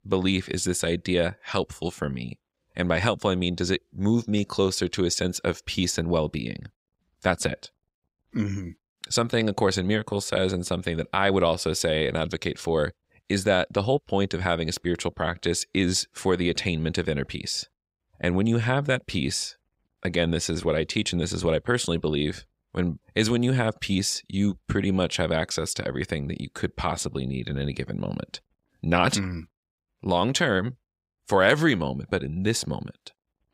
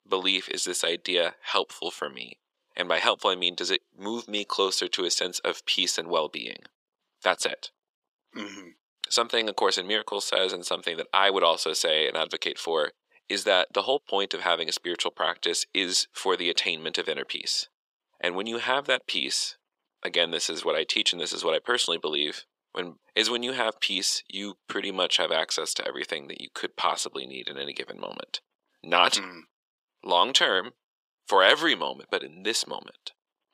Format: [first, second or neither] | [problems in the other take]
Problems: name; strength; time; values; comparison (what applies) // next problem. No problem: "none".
first | thin; very; fading below 350 Hz